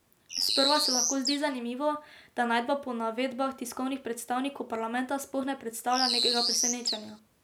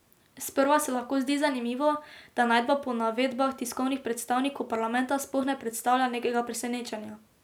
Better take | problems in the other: second | background sound (Bird); 2 dB above the speech

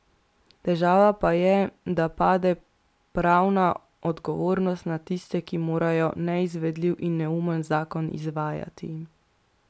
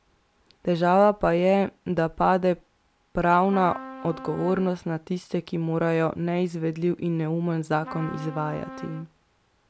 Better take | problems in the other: first | background sound (Trumpet); 15 dB below the speech

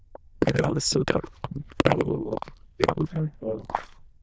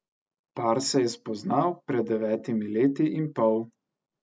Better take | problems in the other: second | noise reduction (neural diffusion model UNIVERSE++)

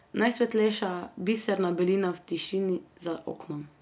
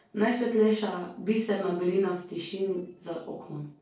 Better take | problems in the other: first | noise reduction (neural separator model SepFormer DNS4)

